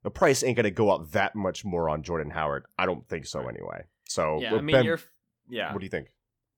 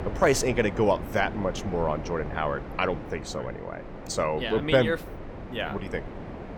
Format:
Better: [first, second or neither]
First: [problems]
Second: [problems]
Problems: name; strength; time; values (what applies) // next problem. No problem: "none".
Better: first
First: none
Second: wind noise on the microphone; occasional gusts; 15 dB below the speech